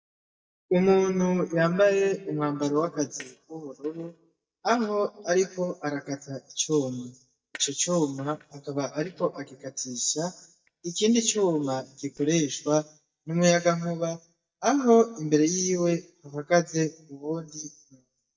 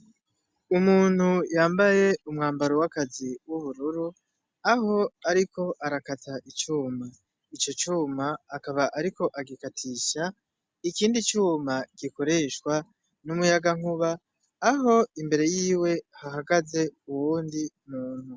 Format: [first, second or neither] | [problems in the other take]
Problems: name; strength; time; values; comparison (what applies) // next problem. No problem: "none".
second | noise reduction (neural mask model DeepFilterNet 3)